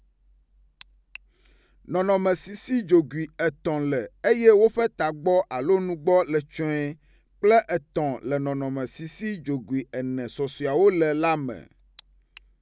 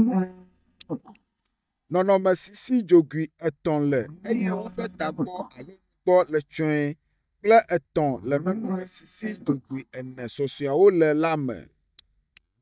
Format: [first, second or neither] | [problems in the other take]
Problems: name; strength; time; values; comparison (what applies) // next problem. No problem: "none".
first | noise reduction (neural mask model DeepFilterNet 3)